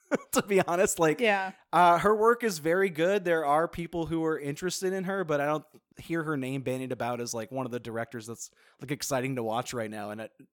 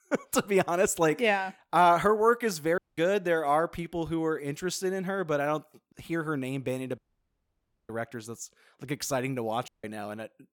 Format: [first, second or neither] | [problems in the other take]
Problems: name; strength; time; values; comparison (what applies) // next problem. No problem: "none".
first | audio cutting out; at 3 s, at 7 s for 1 s and at 9.5 s